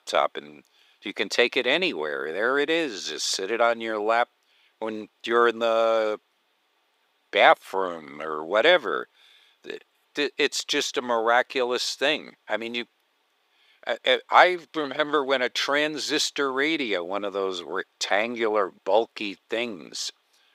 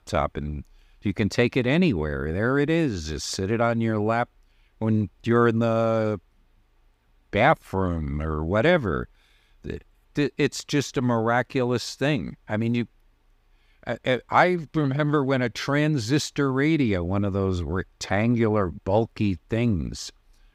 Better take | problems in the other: second | thin; very; fading below 400 Hz

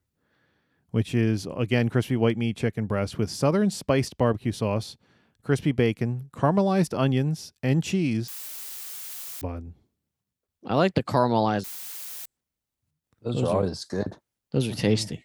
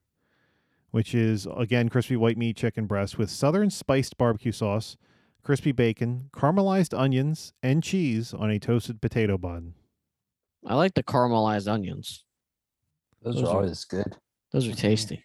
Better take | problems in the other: second | audio cutting out; filled with static; at 8.5 s for 1 s and at 12 s for 0.5 s

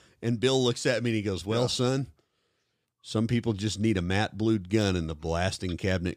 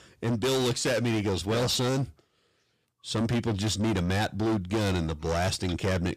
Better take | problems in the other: first | distortion; heavy; 23% of the sound clipped

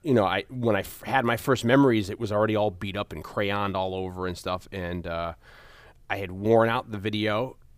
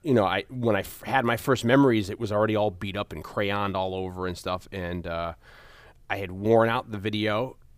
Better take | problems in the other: neither | none

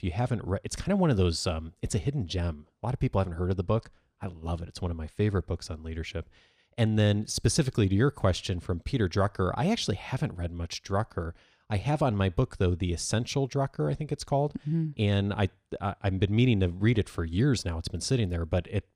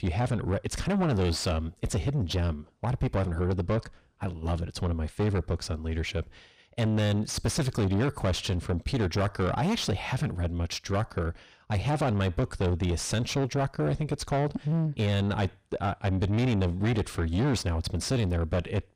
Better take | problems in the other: first | distortion; heavy; 7 dB below the speech

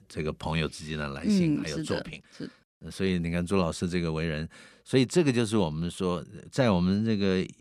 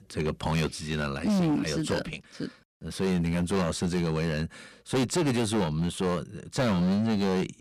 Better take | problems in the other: first | distortion; heavy; 14% of the sound clipped

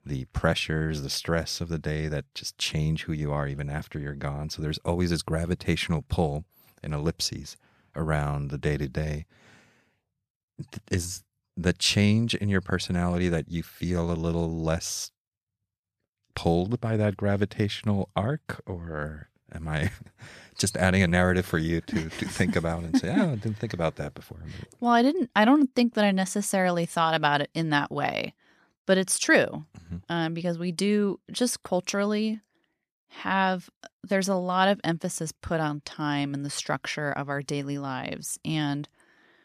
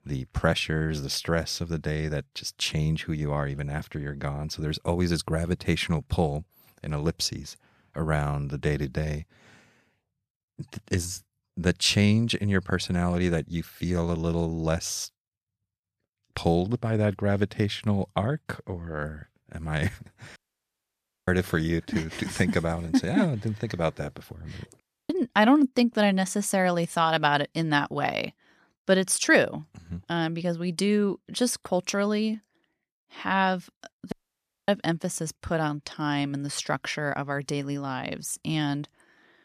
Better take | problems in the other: first | audio cutting out; at 20 s for 1 s, at 25 s and at 34 s for 0.5 s

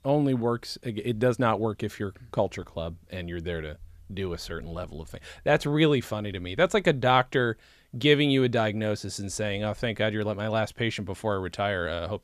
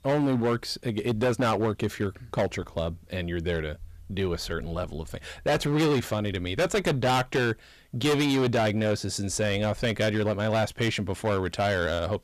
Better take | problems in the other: first | distortion; heavy; 12% of the sound clipped

